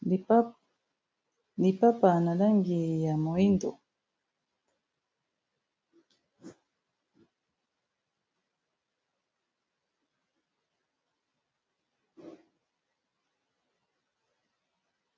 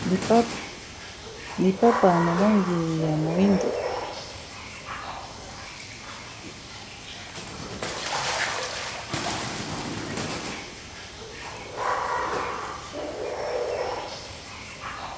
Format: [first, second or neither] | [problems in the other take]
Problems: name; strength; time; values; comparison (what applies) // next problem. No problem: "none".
first | background sound (Water / Splash, splatter); 3 dB below the speech